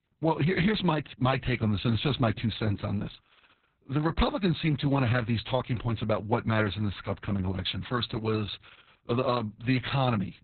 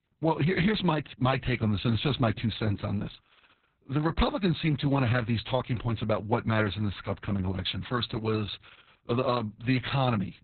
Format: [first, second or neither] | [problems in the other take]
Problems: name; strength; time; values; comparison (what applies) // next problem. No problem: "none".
neither | garbled, watery; badly; nothing above 4 kHz; the same in both